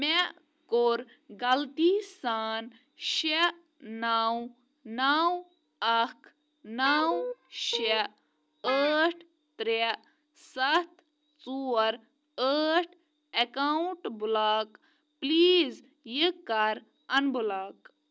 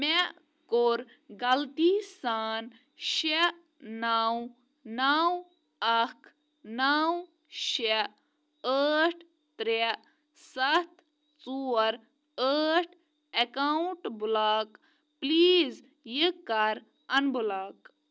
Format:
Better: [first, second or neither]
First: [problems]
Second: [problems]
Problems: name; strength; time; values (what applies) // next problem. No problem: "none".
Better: second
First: background sound (Guitar); 8 dB below the speech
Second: none